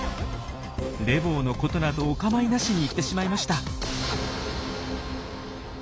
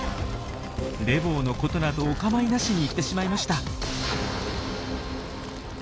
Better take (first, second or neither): first